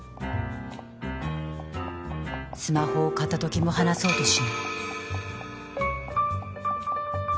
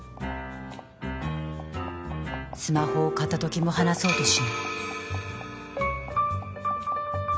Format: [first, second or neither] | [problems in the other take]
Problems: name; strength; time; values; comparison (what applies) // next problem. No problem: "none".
second | background sound (Bowed string instrument); 13 dB below the speech